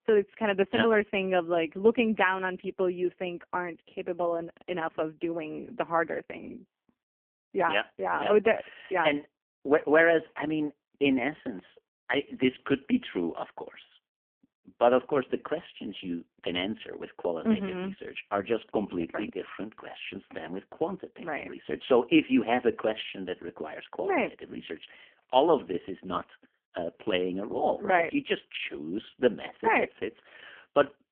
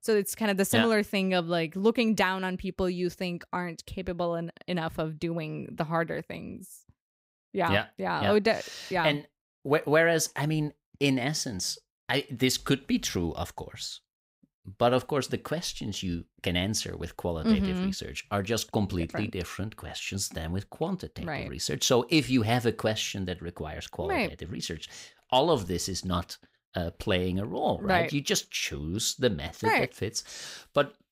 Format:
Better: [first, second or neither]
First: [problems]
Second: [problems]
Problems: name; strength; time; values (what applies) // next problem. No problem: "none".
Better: second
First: phone-call audio; poor line; nothing above 3.5 kHz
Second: none